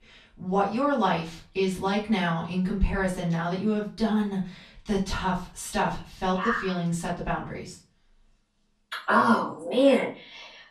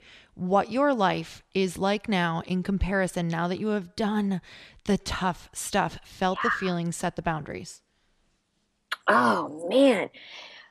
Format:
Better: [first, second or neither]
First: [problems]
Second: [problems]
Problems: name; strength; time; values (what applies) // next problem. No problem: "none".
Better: second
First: off-mic speech; far // room echo; slight; dies away in 0.3 s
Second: none